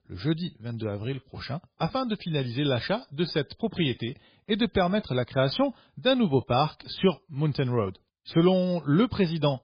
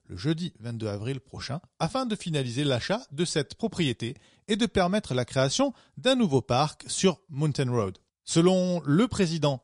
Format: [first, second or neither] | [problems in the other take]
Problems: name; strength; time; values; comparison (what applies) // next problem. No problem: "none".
second | garbled, watery; badly; nothing above 5 kHz; slightly in the second